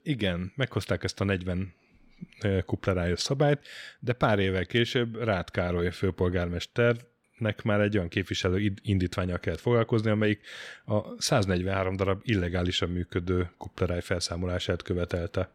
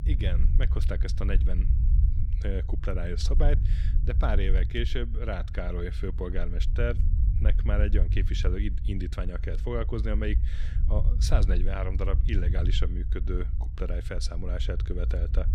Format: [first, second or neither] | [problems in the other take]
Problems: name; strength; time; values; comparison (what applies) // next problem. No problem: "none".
first | low rumble; noticeable; throughout; 10 dB below the speech